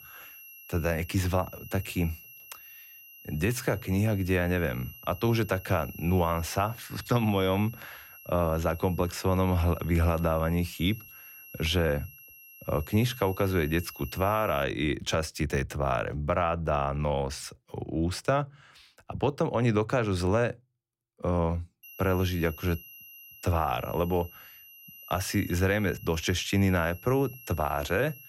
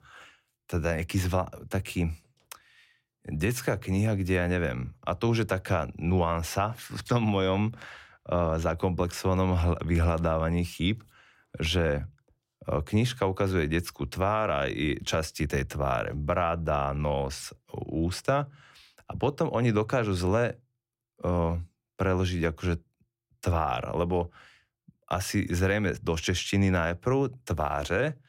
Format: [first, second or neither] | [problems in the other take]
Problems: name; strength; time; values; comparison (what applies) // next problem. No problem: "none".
second | high-pitched whine; noticeable; until 15 s and from 22 s on; 2.5 kHz, 20 dB below the speech